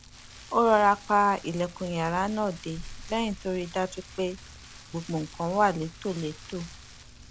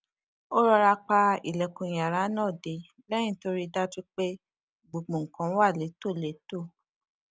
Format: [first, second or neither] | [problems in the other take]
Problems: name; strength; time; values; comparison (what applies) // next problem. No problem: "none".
second | background sound (Rain); 17 dB below the speech